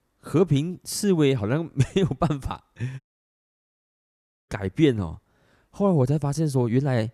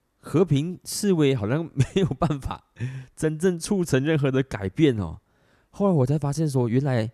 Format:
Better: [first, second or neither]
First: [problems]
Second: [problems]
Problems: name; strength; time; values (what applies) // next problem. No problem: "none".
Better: second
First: audio cutting out; at 3 s for 1.5 s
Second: none